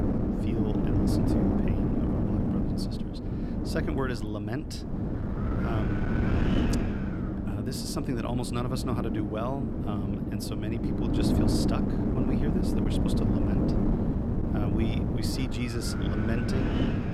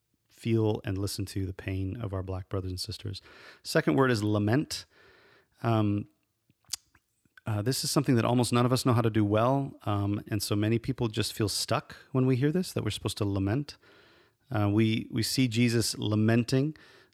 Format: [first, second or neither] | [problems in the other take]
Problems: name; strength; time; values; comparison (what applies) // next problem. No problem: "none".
second | wind noise on the microphone; heavy; 3 dB above the speech